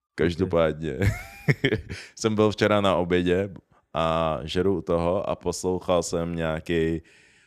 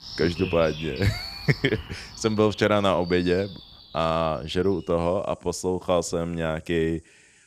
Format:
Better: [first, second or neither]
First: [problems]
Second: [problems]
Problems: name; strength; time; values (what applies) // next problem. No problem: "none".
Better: first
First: none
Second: animal sounds; noticeable; throughout; 15 dB below the speech